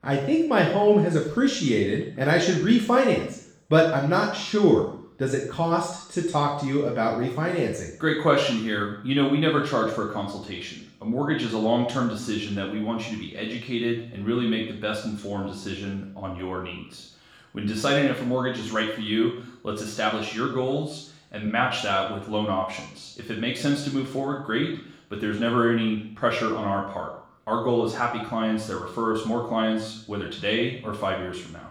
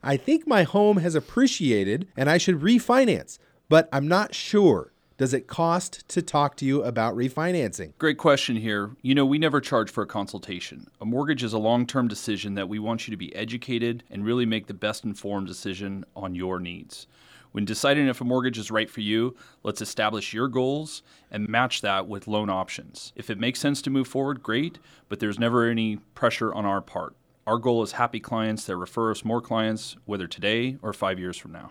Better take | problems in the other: second | room echo; noticeable; dies away in 0.6 s // off-mic speech; far

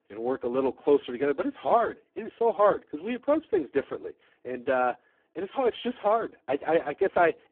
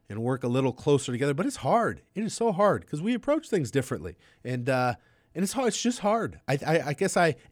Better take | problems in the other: second | phone-call audio; poor line

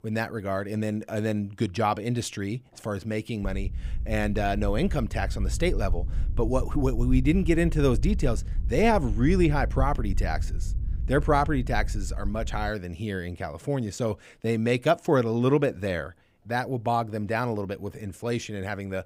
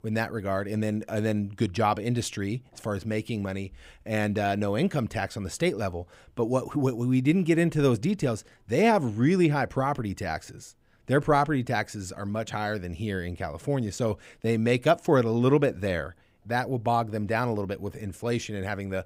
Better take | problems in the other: second | low rumble; faint; from 3.5 to 13 s; 20 dB below the speech

